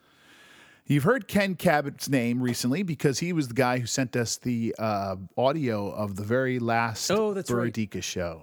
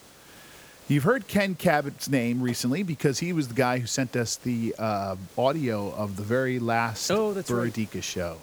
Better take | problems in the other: first | hiss; faint; throughout; 25 dB below the speech

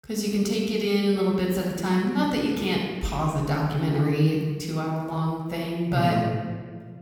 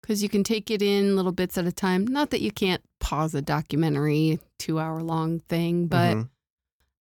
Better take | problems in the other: second | off-mic speech; far // room echo; noticeable; dies away in 1.4 s

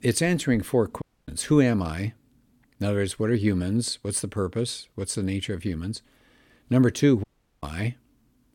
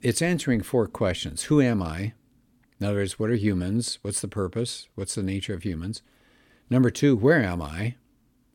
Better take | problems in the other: second | audio cutting out; at 1 s and at 7 s

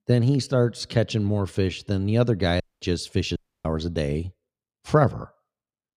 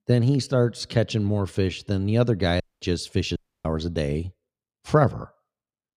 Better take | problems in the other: neither | audio cutting out; at 2.5 s and at 3.5 s; the same in both

